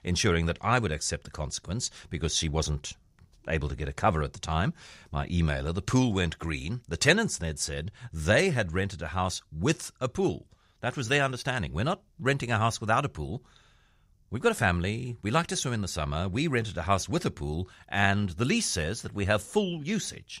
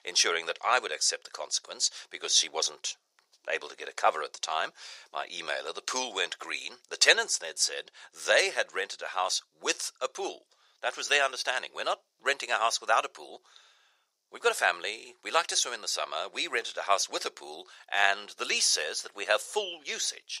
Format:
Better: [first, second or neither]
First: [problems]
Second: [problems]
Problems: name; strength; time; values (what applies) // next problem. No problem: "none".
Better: first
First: none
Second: thin; very; fading below 500 Hz